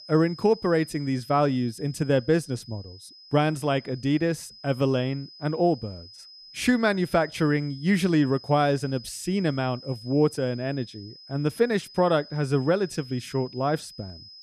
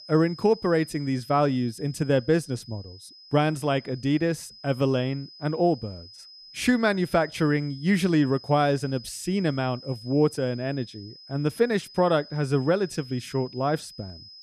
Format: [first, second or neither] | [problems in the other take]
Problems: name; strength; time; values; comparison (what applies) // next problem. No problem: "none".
neither | high-pitched whine; noticeable; throughout; 5 kHz, 20 dB below the speech; the same in both